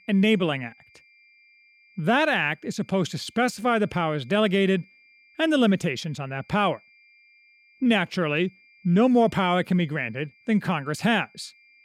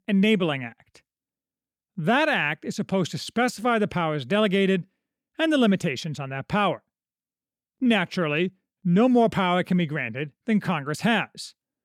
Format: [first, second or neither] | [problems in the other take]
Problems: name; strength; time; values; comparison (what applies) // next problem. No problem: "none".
second | high-pitched whine; faint; throughout; 2.5 kHz, 30 dB below the speech